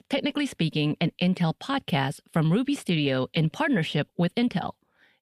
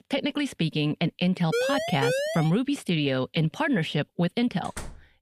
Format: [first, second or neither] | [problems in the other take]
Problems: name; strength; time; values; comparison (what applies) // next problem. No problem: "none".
first | siren; noticeable; at 1.5 s; peak level with the speech // door banging; faint; at 4.5 s; peak 15 dB below the speech